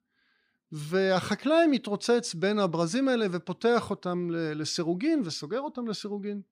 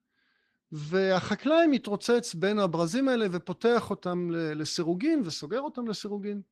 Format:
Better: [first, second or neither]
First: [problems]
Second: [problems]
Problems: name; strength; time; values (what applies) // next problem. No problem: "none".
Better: first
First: none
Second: garbled, watery; slightly